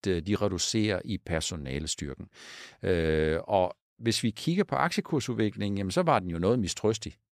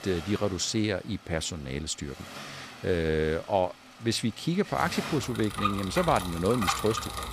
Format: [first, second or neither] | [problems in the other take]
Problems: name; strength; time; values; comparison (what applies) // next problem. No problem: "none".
first | traffic noise; loud; throughout; 6 dB below the speech